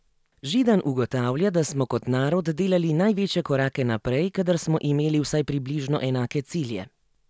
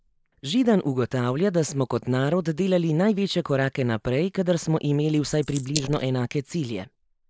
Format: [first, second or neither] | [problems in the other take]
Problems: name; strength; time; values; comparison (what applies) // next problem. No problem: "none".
first | noise reduction (neural mask model Resemble Enhance denoiser)